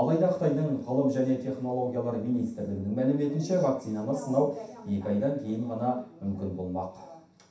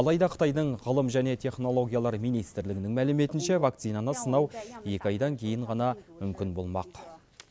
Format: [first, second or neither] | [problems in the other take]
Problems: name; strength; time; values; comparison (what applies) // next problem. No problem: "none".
second | room echo; dies away in 0.7 s